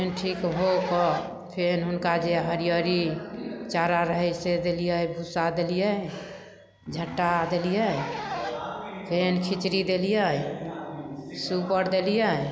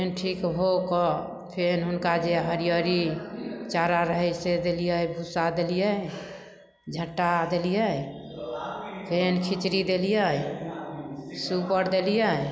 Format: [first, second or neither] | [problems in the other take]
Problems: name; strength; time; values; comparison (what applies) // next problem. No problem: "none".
second | background sound (Zipper (clothing)); 15 dB below the speech